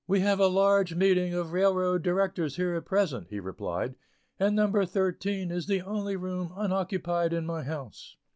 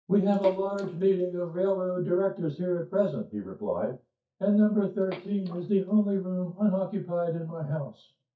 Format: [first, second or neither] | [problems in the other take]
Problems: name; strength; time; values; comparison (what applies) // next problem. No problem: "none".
first | noise reduction (neural mask model DeepFilterNet 3)